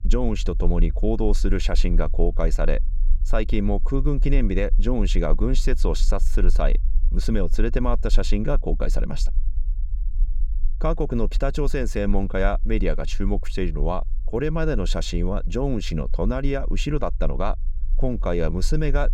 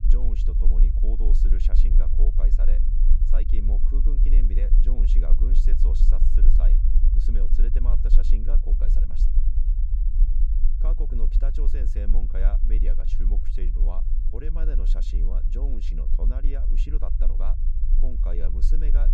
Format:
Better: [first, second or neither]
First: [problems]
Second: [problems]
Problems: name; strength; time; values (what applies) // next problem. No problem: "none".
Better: first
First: low rumble; faint; throughout; 25 dB below the speech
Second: low rumble; loud; throughout; 4 dB below the speech